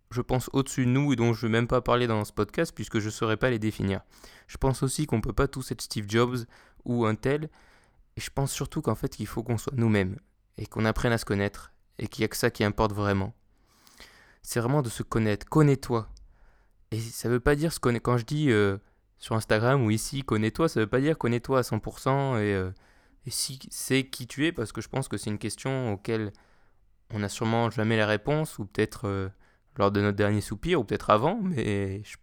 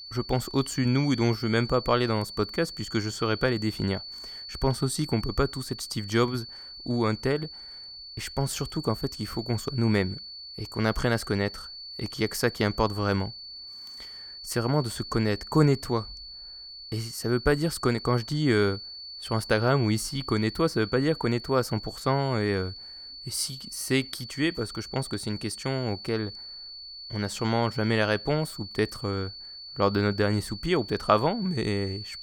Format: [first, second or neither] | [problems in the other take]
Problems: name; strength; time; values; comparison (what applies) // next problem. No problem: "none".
first | high-pitched whine; noticeable; throughout; 4.5 kHz, 10 dB below the speech